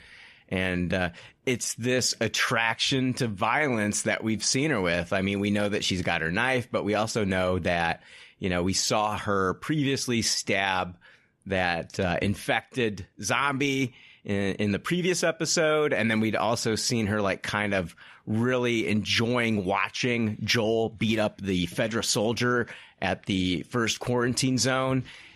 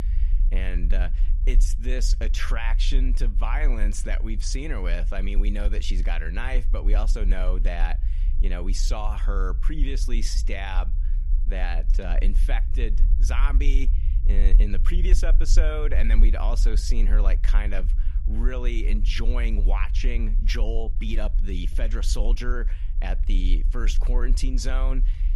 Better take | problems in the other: first | low rumble; noticeable; throughout; 15 dB below the speech

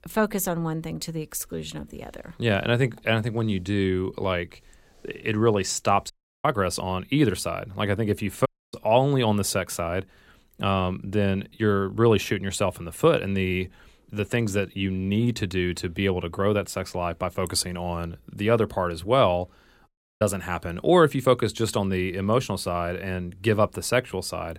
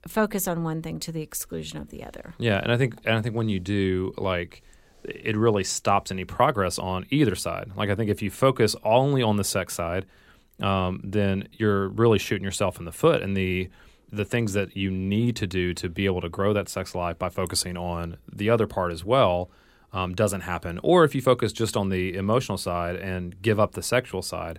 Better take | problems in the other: second | audio cutting out; at 6 s, at 8.5 s and at 20 s

